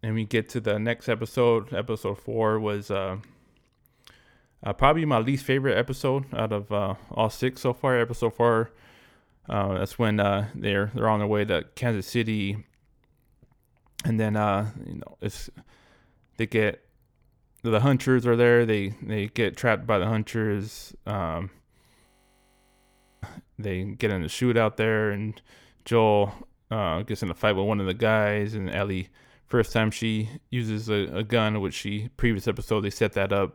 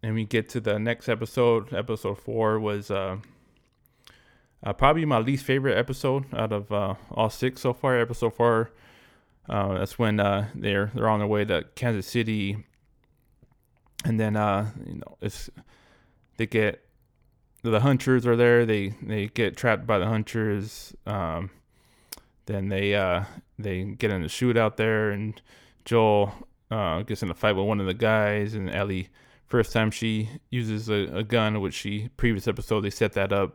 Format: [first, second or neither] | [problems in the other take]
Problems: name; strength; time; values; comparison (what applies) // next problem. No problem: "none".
second | audio freezing; at 22 s for 1 s